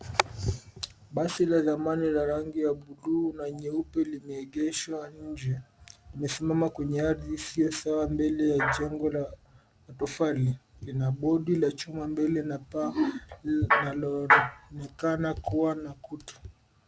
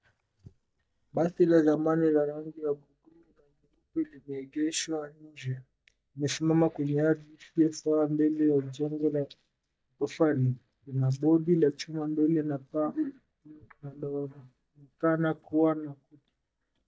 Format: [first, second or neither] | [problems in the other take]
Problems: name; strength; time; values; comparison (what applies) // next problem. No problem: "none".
first | noise reduction (neural mask model DeepFilterNet 3)